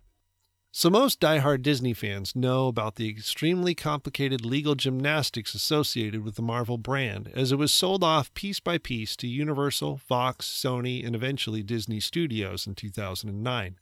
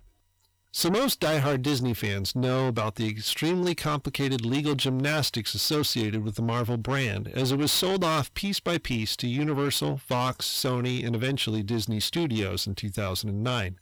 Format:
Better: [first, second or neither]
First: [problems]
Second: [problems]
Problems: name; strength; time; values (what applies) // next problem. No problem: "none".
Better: first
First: none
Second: distortion; heavy; 7 dB below the speech